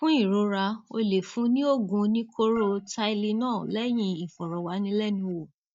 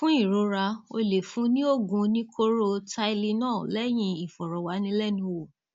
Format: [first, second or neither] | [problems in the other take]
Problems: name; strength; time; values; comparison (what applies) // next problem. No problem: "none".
second | noise reduction (neural mask model DeepFilterNet 3)